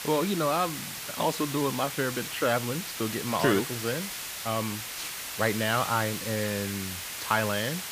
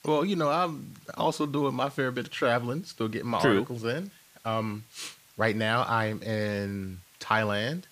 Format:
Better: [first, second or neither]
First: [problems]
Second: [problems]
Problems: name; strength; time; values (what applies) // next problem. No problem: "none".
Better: second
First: hiss; loud; throughout; 5 dB below the speech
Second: hiss; faint; throughout; 25 dB below the speech